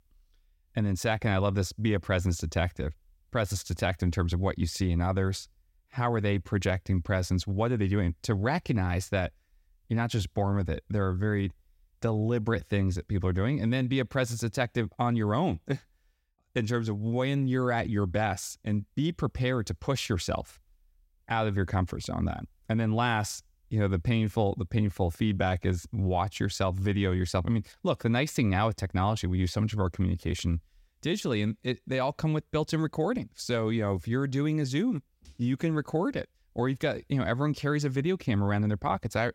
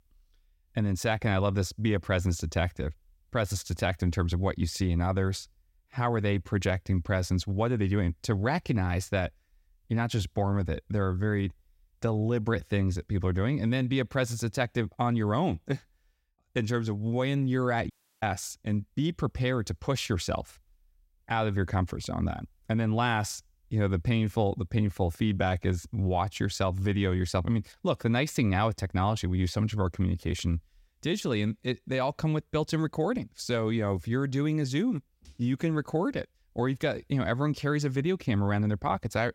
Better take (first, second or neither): first